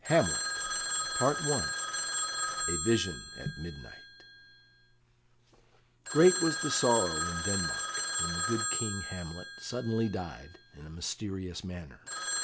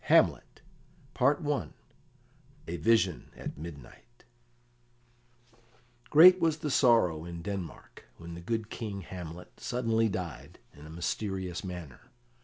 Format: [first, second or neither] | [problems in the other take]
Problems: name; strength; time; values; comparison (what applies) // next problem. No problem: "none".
second | background sound (Telephone); 2 dB below the speech